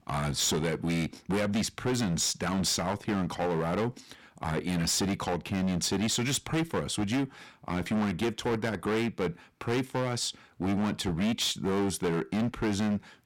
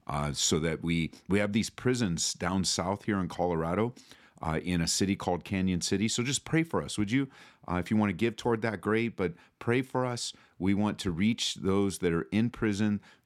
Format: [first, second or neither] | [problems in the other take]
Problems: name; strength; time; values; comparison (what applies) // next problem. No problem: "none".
second | distortion; heavy; 19% of the sound clipped